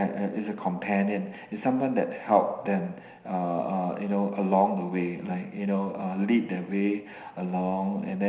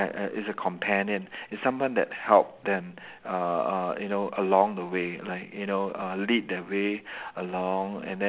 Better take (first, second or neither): second